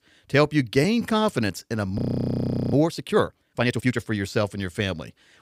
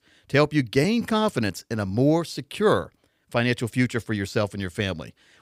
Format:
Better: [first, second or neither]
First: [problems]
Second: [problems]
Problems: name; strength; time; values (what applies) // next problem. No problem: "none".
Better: second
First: audio freezing; at 2 s for 1 s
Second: none